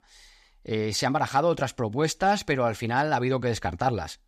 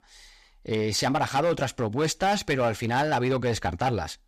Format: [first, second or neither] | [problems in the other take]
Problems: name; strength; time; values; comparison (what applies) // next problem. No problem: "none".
first | distortion; slight; 9% of the sound clipped